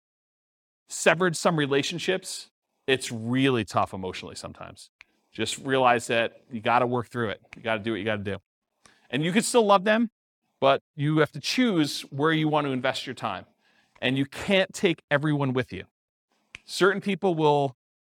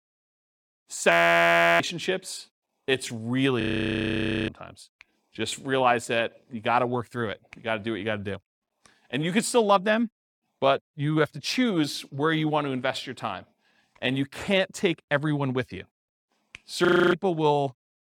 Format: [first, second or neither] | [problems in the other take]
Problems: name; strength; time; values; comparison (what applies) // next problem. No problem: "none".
first | audio freezing; at 1 s for 0.5 s, at 3.5 s for 1 s and at 17 s